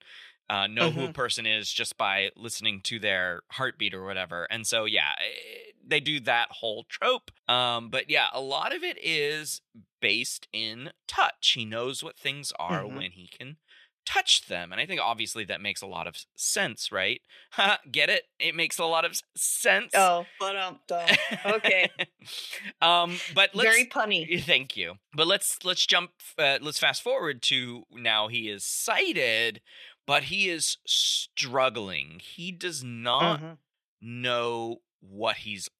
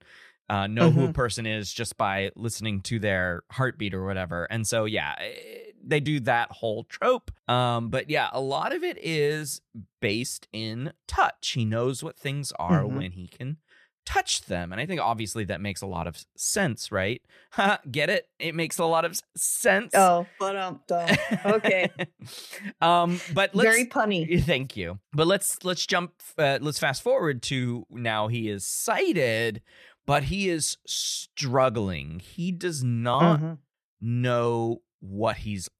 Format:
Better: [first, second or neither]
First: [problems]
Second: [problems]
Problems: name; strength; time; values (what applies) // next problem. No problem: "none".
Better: second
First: thin; somewhat; fading below 1 kHz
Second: none